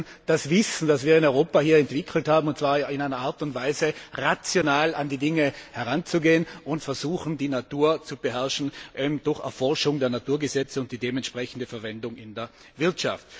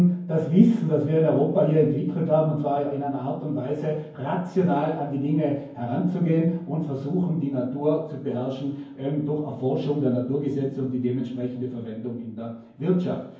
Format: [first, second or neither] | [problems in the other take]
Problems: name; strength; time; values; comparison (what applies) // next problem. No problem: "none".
first | room echo; dies away in 0.9 s